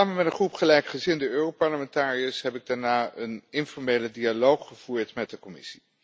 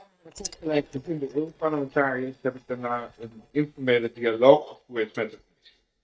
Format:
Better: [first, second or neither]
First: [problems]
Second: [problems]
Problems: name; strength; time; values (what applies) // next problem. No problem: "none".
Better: first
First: none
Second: noise reduction (neural mask model DeepFilterNet 3)